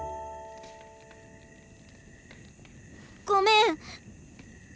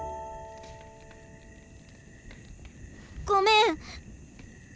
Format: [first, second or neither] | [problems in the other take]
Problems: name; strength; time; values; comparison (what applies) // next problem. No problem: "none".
first | background sound (Thunder); 18 dB below the speech